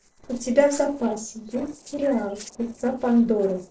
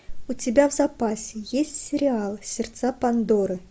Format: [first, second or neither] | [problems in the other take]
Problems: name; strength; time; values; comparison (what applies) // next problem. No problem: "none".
second | noise reduction (neural separator model SepFormer DNS4)